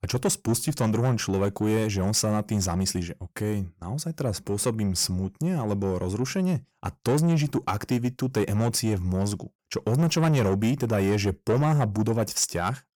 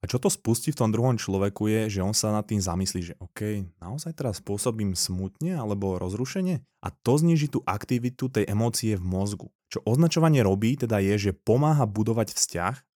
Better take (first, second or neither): second